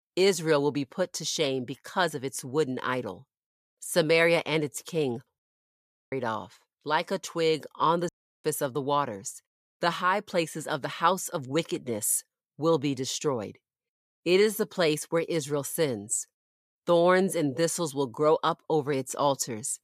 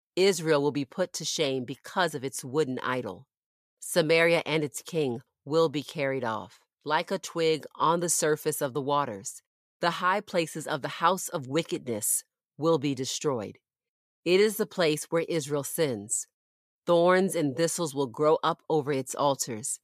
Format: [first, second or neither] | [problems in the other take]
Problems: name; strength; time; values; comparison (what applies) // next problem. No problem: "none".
second | audio cutting out; at 5.5 s for 0.5 s and at 8 s